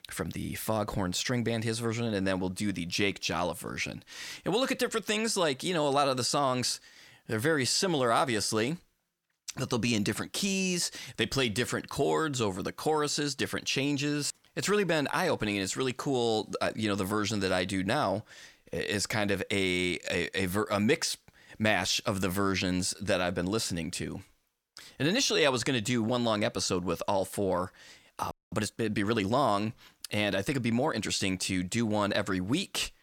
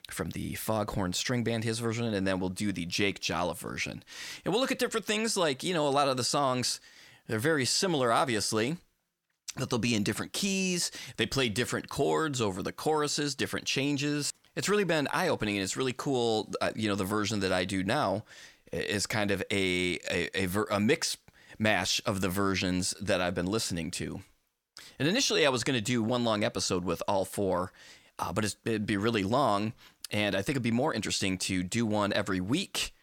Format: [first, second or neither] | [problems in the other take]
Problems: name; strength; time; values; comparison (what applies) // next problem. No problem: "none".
second | audio freezing; at 28 s